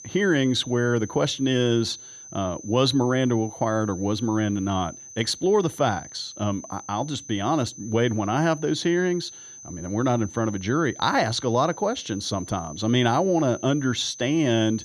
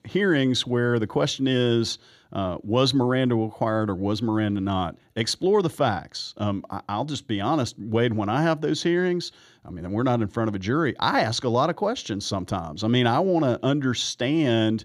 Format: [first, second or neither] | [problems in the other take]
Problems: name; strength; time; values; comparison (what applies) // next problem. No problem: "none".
second | high-pitched whine; noticeable; throughout; 6 kHz, 15 dB below the speech